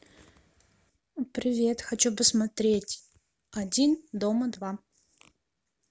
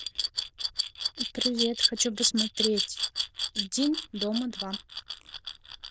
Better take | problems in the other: first | noise reduction (neural diffusion model UNIVERSE++)

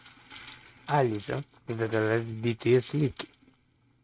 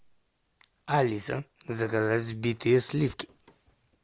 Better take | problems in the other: second | noise reduction (neural mask model RNNoise)

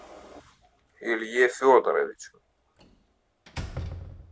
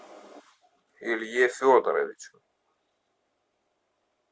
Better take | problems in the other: second | background sound (Slam); 15 dB below the speech

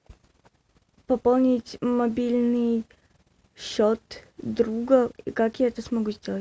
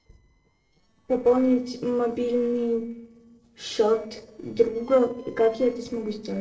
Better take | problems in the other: first | noise reduction (neural separator model SepFormer DNS4)

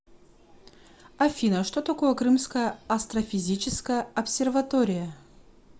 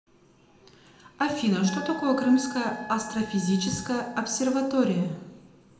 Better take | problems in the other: first | background sound (Wind instrument, woodwind instrument); 14 dB below the speech // room echo; dies away in 0.7 s

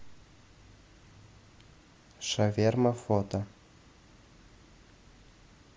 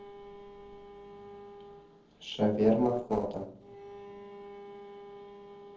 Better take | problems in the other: first | noise reduction (neural separator model SepFormer DNS4)

